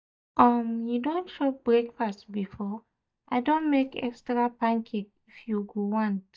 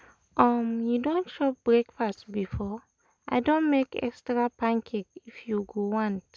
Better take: second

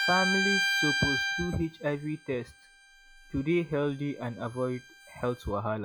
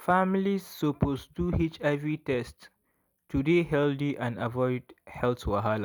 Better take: second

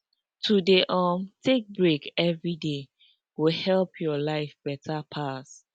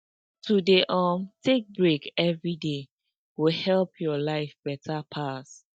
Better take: first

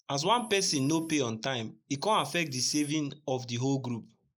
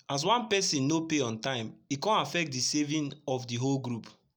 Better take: second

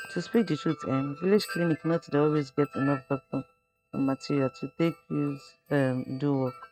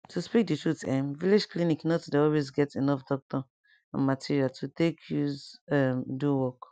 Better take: second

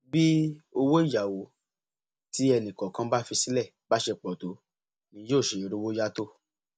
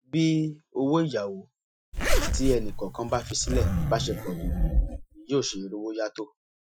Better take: first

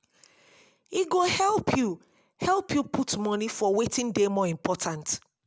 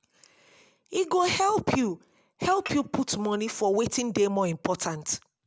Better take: first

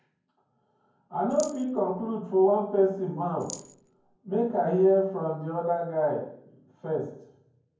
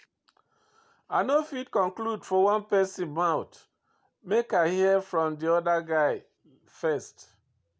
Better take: second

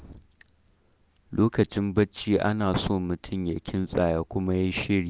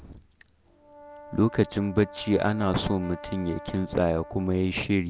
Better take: first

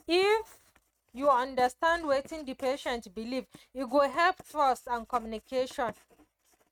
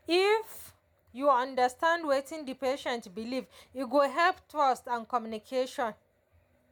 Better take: second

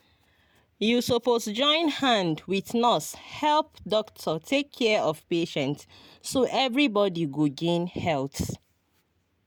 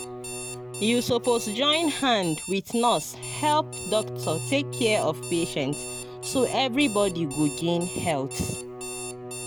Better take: first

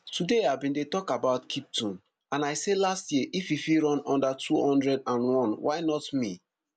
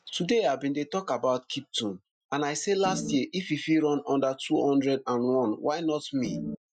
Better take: first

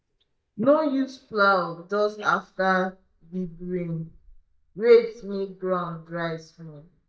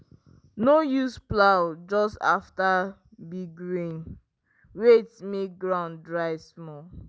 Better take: second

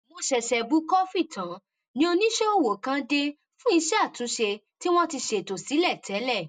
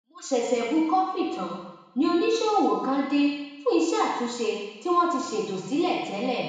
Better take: first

